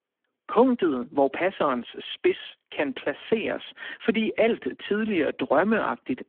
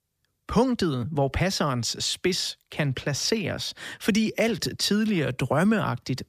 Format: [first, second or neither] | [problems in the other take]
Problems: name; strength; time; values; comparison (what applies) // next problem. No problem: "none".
second | phone-call audio; poor line